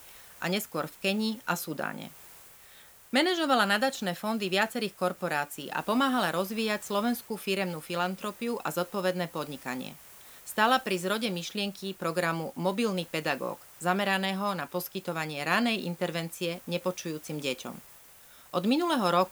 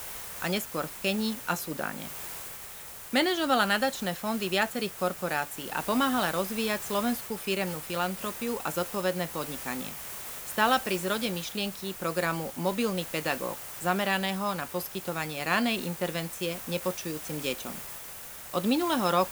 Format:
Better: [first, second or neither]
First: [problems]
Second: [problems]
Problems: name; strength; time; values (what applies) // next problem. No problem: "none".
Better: first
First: hiss; faint; throughout; 20 dB below the speech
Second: hiss; loud; throughout; 9 dB below the speech